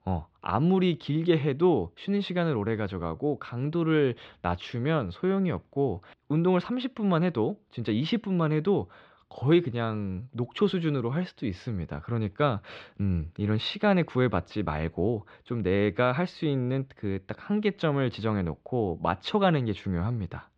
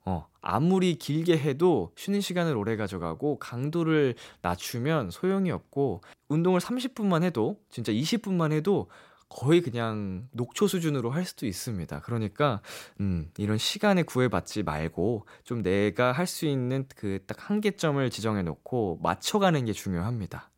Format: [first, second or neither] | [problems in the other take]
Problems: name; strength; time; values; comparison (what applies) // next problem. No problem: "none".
second | muffled; slightly; fading above 3.5 kHz